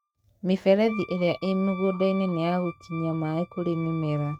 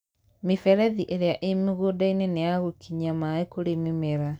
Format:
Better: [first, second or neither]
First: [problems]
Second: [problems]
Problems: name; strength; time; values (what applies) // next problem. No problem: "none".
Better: second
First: noise reduction (neural mask model RNNoise)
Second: none